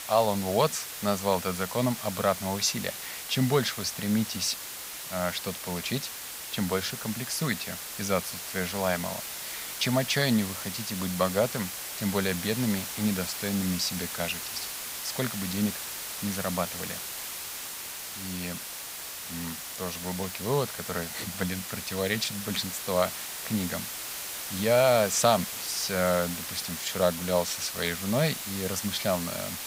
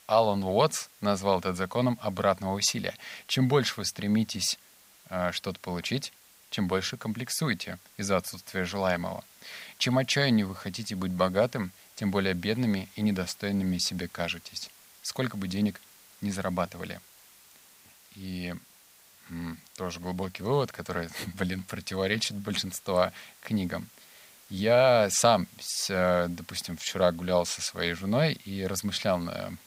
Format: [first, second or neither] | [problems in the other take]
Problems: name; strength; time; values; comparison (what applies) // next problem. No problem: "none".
second | hiss; loud; throughout; 5 dB below the speech; faint in the second